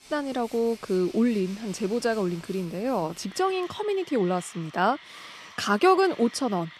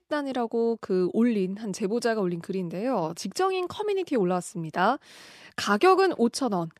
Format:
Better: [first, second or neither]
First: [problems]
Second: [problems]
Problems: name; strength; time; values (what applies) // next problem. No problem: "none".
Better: second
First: machinery noise; noticeable; throughout; 20 dB below the speech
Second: none